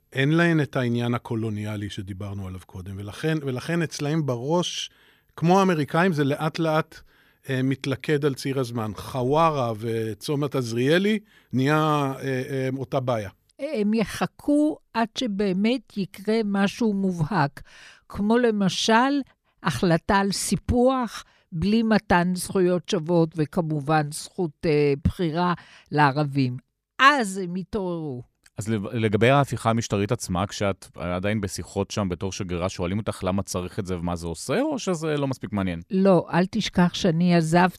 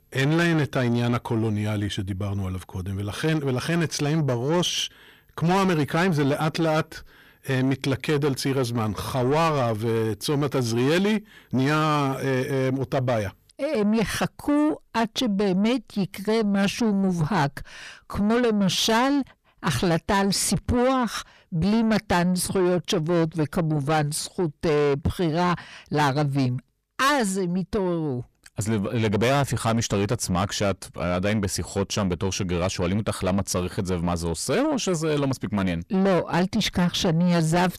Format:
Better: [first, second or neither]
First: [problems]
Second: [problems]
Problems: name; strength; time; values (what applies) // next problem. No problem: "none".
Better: first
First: none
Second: distortion; heavy; 8 dB below the speech